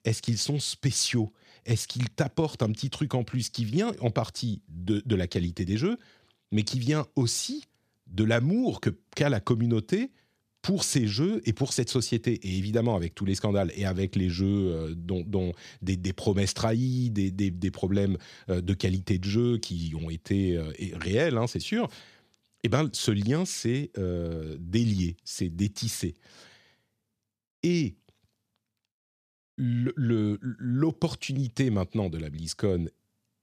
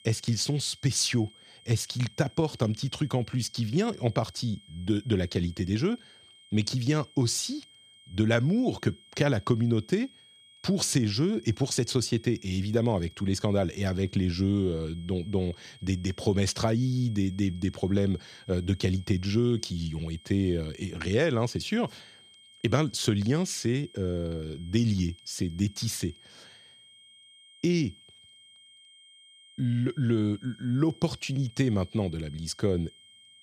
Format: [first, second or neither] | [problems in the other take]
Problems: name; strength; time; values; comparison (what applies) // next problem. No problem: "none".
first | high-pitched whine; faint; throughout; 3 kHz, 25 dB below the speech